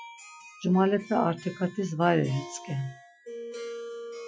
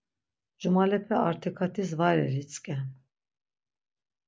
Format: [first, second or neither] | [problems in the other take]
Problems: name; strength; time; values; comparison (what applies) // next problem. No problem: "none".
second | noise reduction (classical method Wiener filter)